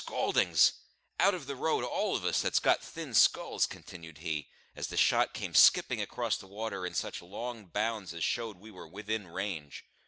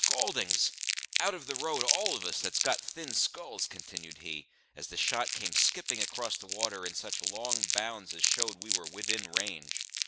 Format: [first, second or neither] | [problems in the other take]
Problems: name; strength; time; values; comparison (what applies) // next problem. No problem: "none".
first | background sound (Crumpling, crinkling); 2 dB above the speech